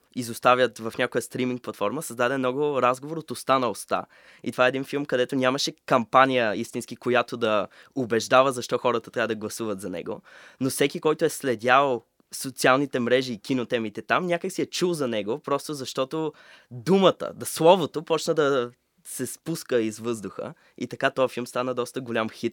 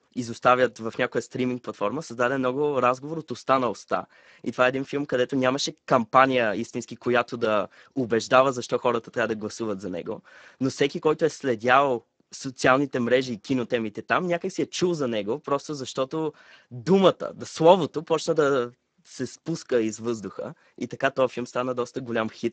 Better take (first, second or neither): first